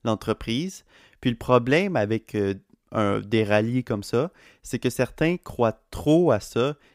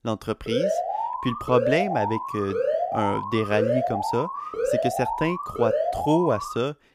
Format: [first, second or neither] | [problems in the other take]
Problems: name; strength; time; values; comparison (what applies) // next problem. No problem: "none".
first | alarm; loud; peak 2 dB above the speech